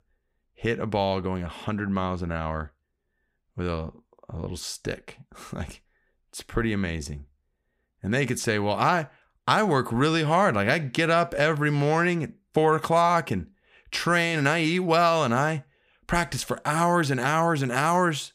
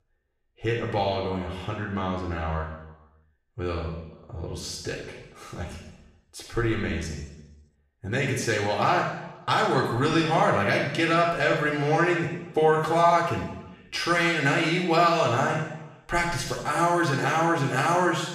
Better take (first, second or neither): first